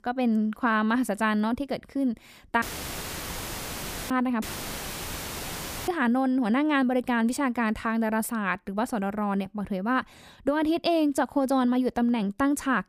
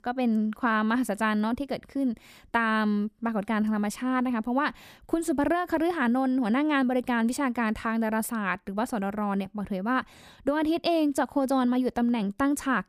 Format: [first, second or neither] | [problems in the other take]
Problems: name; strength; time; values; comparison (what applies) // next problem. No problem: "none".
second | audio cutting out; filled with static; at 2.5 s for 1.5 s and at 4.5 s for 1.5 s